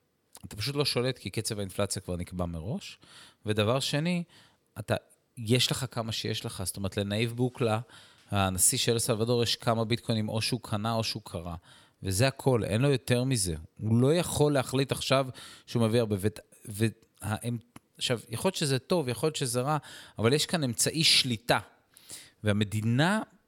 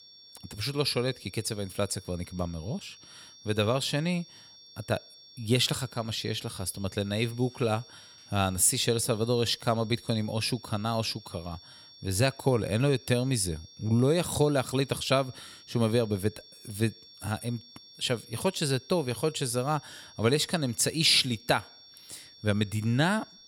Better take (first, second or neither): first